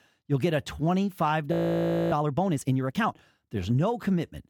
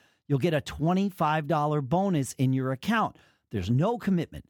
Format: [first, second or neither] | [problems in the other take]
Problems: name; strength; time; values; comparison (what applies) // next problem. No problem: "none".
second | audio freezing; at 1.5 s for 0.5 s